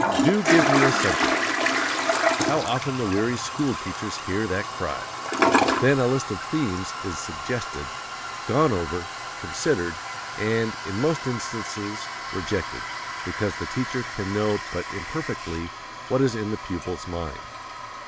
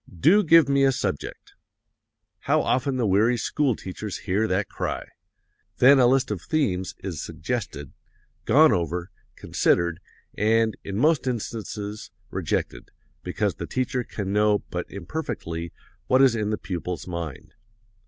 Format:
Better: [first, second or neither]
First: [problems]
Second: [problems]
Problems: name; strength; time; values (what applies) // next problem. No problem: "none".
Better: second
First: background sound (Toilet flush); 1 dB below the speech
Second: none